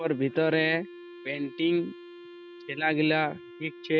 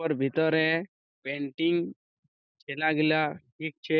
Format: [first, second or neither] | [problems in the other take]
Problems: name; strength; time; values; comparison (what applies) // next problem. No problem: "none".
second | background sound (Wind instrument, woodwind instrument); 17 dB below the speech